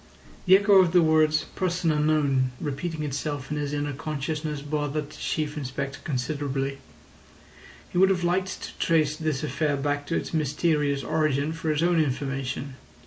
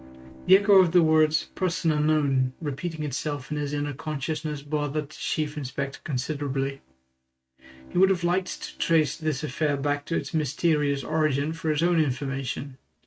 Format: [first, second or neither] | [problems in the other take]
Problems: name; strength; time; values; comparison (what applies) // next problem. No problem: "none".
first | noise reduction (neural mask model RNNoise)